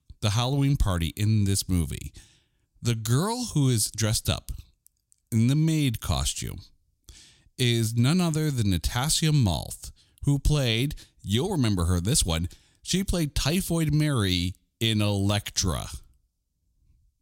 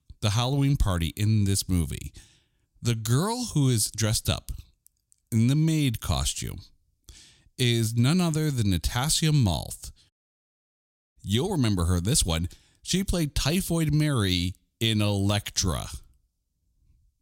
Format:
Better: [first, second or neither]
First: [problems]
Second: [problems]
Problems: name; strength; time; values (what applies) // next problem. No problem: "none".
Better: first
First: none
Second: audio cutting out; at 10 s for 1 s